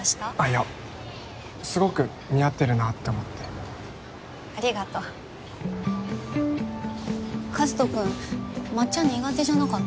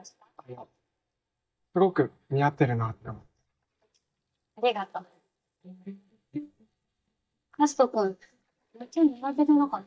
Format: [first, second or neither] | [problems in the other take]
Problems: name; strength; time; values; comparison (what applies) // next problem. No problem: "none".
first | noise reduction (neural mask model DeepFilterNet 3)